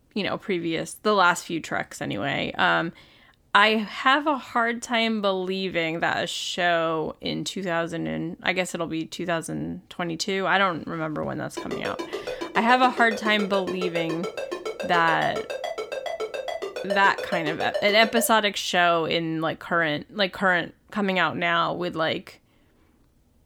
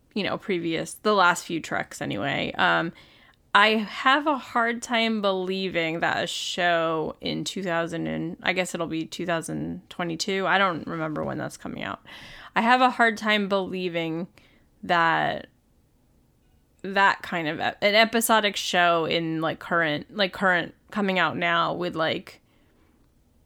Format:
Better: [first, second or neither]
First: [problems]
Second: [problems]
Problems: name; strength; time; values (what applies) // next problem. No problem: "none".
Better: second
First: phone ringing; noticeable; from 12 to 18 s; peak 6 dB below the speech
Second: none